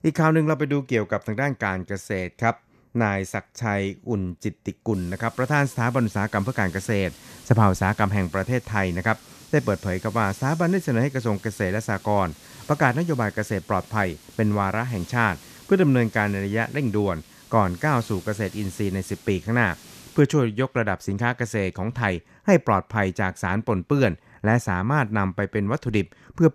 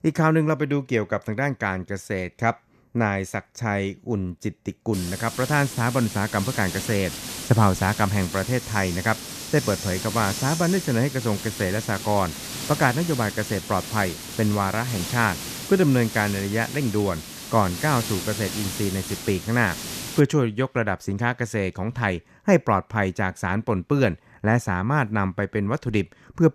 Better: first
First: hiss; faint; from 5 to 20 s; 20 dB below the speech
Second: hiss; loud; from 5 to 20 s; 8 dB below the speech

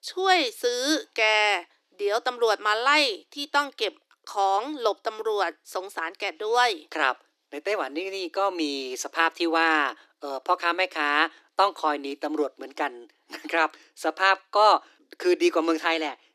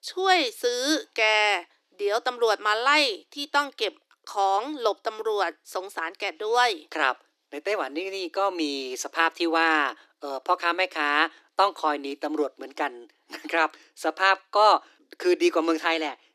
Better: neither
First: thin; very; fading below 300 Hz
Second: thin; very; fading below 300 Hz

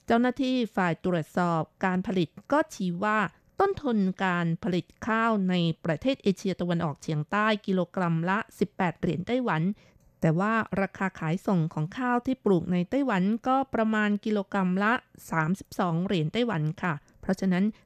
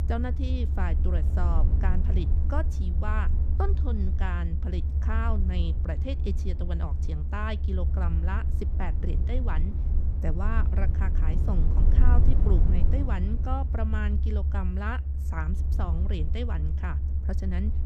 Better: first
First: none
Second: low rumble; loud; throughout; 6 dB below the speech

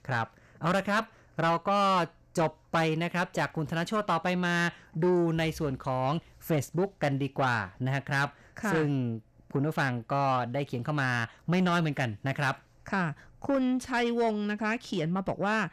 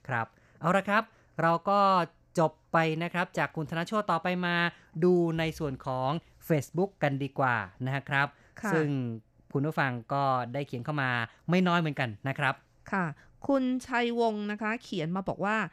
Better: second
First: distortion; slight; 10 dB below the speech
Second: none

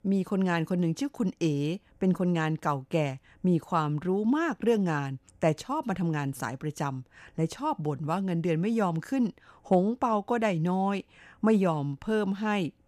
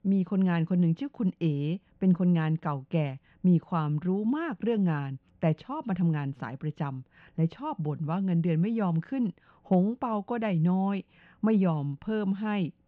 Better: first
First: none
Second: muffled; slightly; fading above 3 kHz

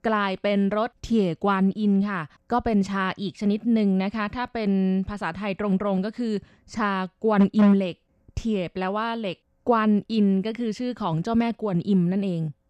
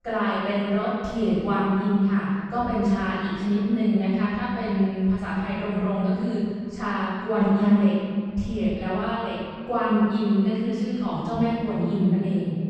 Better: first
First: none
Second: off-mic speech; far // room echo; strong; dies away in 2.2 s

